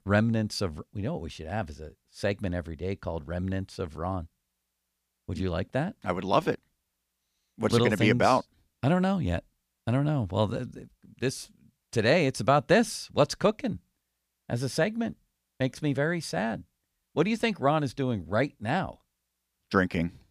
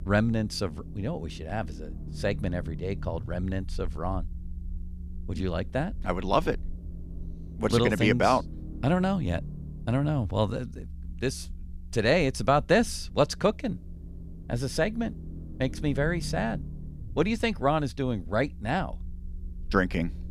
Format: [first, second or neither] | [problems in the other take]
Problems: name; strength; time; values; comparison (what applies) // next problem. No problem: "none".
first | low rumble; faint; throughout; 25 dB below the speech